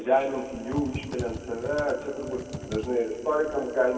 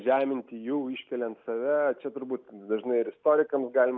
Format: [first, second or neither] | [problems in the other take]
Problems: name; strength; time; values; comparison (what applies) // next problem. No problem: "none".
second | background sound (Typing); 12 dB below the speech // room echo; dies away in 2.1 s